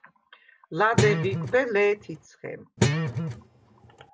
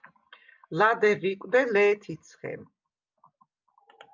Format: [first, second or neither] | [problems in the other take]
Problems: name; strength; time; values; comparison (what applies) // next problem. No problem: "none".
second | background sound (Guitar); as loud as the speech